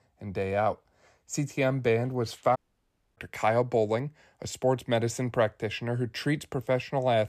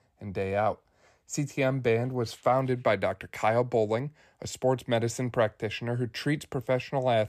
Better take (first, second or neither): second